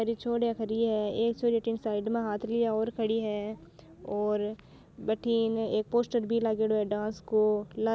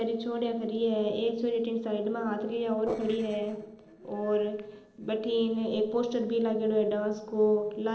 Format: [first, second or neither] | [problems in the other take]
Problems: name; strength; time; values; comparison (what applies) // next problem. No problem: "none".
first | noise reduction (neural separator model SepFormer DNS4)